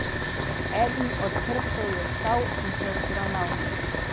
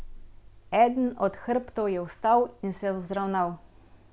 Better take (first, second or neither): second